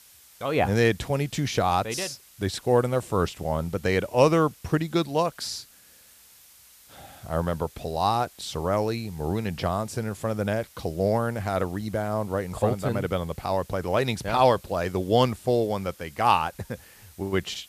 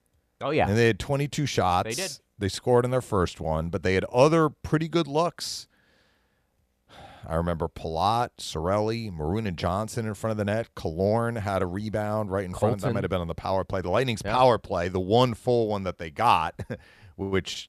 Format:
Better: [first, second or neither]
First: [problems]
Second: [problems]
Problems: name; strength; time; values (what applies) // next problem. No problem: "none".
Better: second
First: hiss; faint; throughout; 25 dB below the speech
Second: none